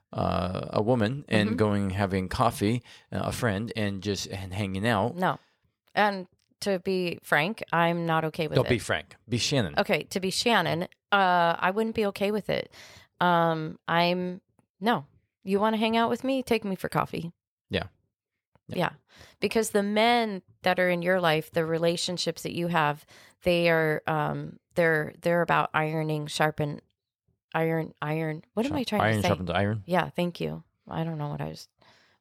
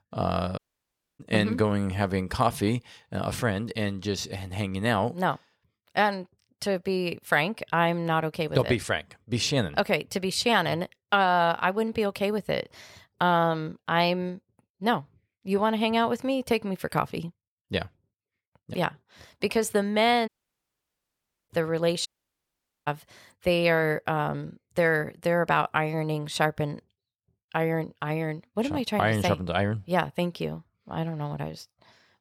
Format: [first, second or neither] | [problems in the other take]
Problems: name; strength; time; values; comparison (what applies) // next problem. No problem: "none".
first | audio cutting out; at 0.5 s for 0.5 s, at 20 s for 1 s and at 22 s for 1 s